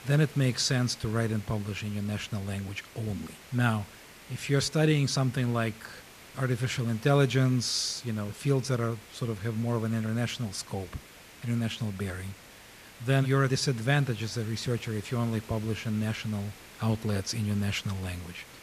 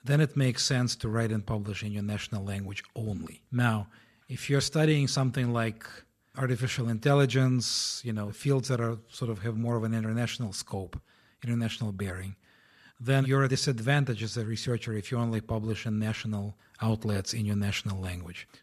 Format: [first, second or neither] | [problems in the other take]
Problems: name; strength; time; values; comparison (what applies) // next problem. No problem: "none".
second | hiss; noticeable; throughout; 20 dB below the speech